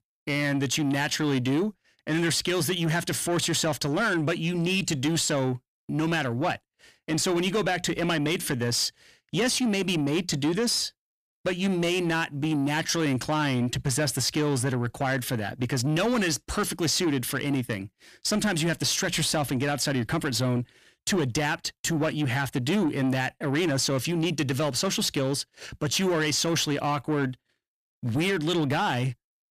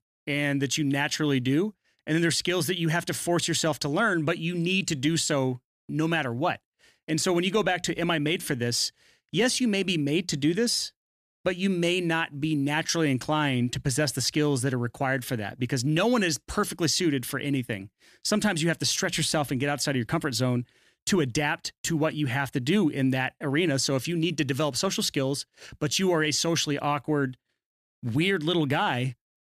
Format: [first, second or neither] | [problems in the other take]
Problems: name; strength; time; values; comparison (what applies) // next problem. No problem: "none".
second | distortion; slight; 10 dB below the speech